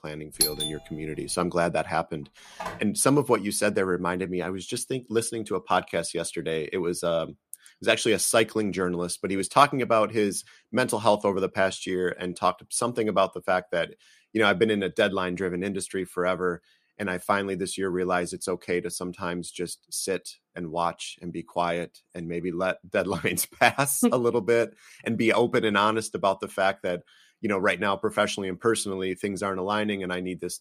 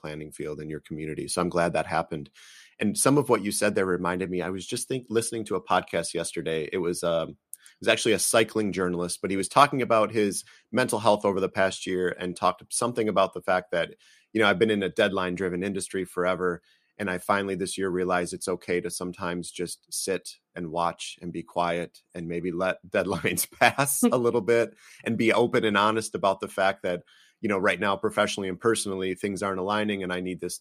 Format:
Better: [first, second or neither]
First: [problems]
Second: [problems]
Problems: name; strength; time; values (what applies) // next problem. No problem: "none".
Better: second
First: doorbell; loud; at 0.5 s; peak 2 dB above the speech // phone ringing; faint; at 2.5 s; peak 10 dB below the speech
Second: none